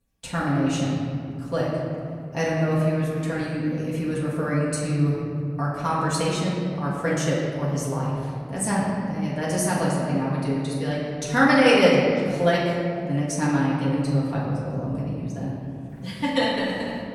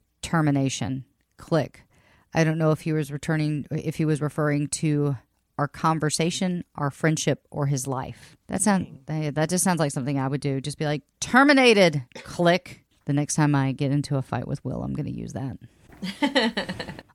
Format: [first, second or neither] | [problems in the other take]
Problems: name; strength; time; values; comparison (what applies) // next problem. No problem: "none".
second | room echo; noticeable; dies away in 2.2 s // off-mic speech; far